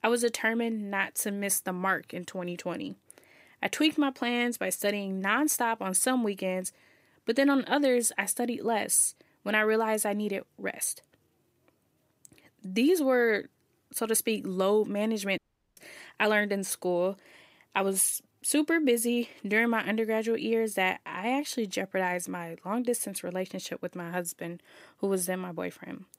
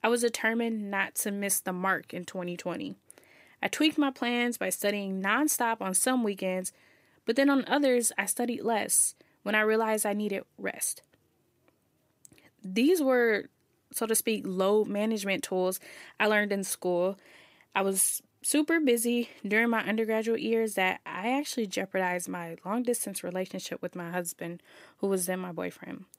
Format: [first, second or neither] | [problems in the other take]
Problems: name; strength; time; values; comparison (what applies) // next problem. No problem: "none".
second | audio cutting out; at 15 s